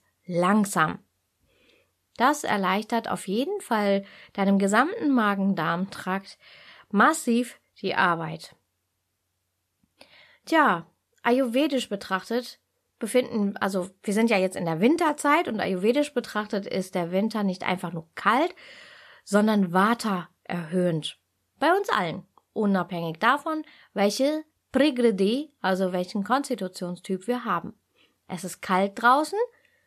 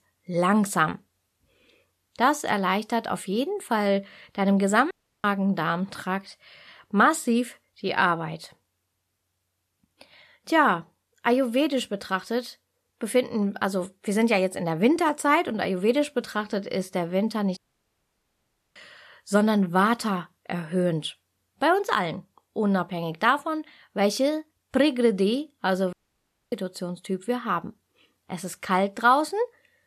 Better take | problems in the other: first | audio cutting out; at 5 s, at 18 s for 1 s and at 26 s for 0.5 s

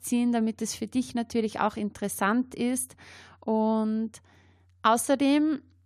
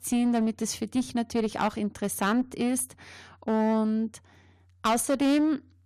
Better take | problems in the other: first | distortion; slight; 8% of the sound clipped

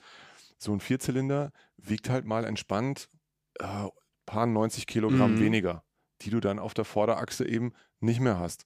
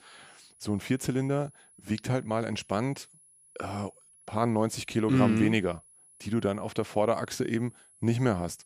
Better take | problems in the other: first | high-pitched whine; faint; throughout; 10.5 kHz, 25 dB below the speech

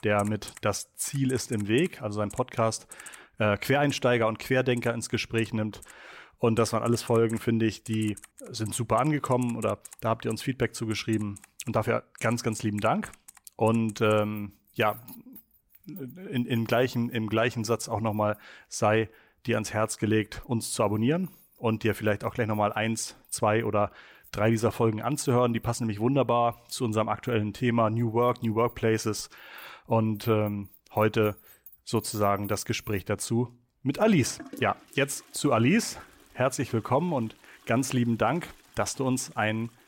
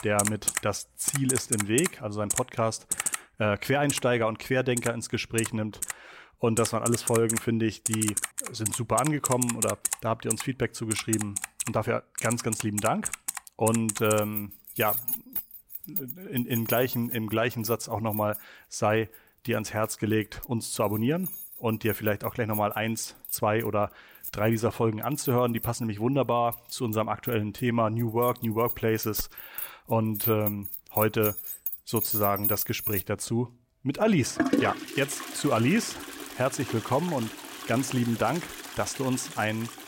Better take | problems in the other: first | household noises; loud; throughout; 4 dB below the speech; faint in the first

